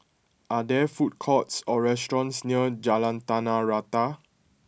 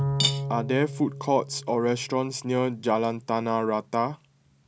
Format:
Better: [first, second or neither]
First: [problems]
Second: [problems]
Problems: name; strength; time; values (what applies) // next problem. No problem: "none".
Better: first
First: none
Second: background sound (Cutlery, silverware / Dishes, pots, and pans + Bowed string instrument); 6 dB below the speech